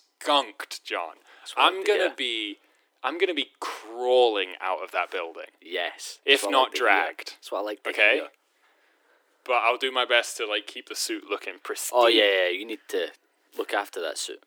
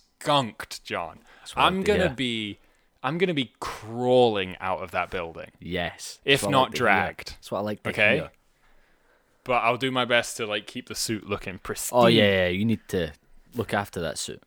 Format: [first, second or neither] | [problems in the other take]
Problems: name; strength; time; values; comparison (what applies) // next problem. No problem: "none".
second | thin; somewhat; fading below 300 Hz